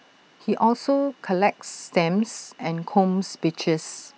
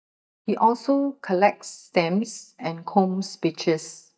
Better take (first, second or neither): first